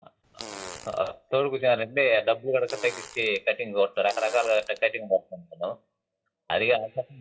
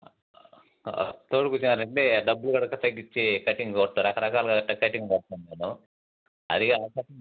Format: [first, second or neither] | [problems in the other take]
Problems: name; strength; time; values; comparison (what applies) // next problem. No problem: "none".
second | noise reduction (classical method WPE with log-MMSE)